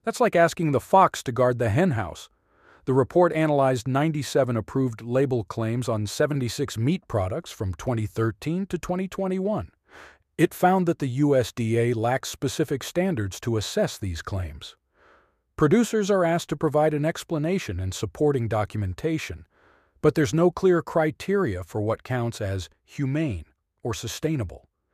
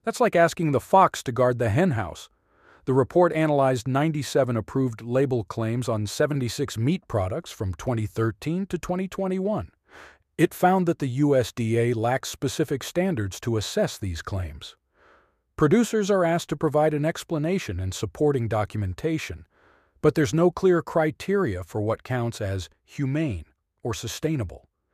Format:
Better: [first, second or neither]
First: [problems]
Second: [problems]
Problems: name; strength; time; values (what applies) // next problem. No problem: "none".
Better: neither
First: muffled; slightly; fading above 2.5 kHz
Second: muffled; slightly; fading above 2.5 kHz